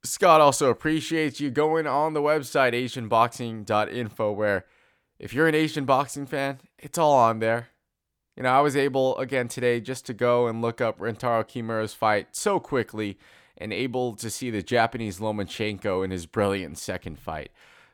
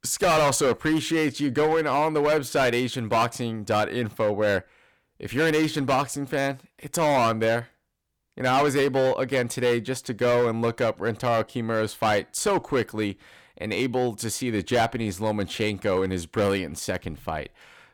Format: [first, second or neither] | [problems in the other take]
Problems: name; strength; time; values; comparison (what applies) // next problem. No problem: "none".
first | distortion; heavy; 9% of the sound clipped